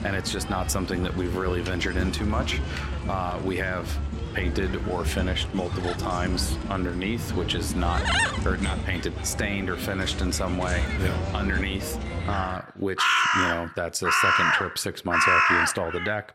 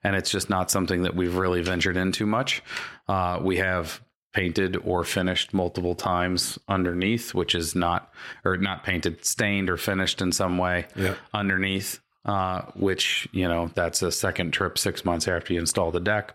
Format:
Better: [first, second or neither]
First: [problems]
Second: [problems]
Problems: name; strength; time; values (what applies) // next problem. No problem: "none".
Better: second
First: animal sounds; very loud; throughout; 2 dB above the speech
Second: none